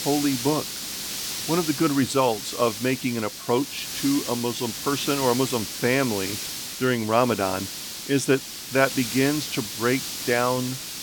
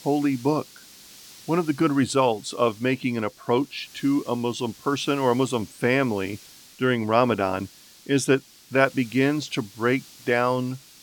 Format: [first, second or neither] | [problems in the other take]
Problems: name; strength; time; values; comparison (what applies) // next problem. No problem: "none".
second | hiss; loud; throughout; 5 dB below the speech; faint in the second